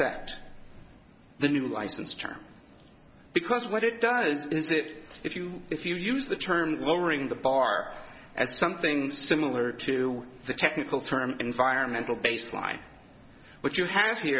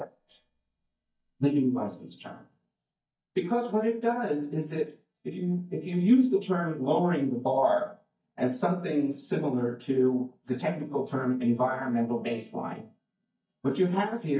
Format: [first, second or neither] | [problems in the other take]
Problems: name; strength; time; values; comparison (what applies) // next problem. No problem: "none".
first | noise reduction (neural mask model DeepFilterNet 3)